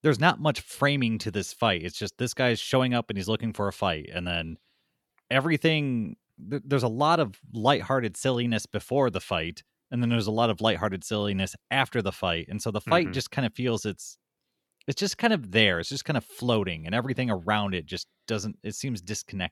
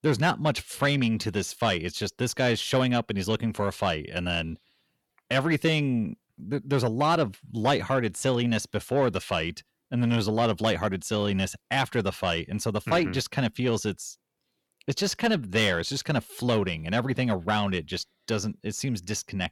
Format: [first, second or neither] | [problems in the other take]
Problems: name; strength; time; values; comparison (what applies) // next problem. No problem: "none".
first | distortion; slight; 10 dB below the speech